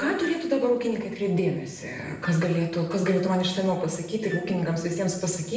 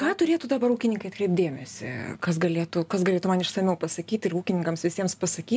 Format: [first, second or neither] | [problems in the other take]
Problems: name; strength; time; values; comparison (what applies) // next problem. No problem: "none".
second | background sound (Wind instrument, woodwind instrument); 20 dB below the speech // room echo; dies away in 0.7 s